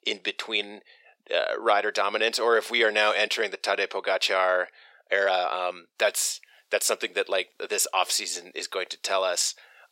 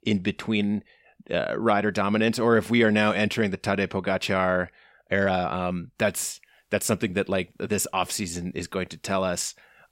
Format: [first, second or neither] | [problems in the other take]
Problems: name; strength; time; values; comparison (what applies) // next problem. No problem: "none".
second | thin; very; fading below 450 Hz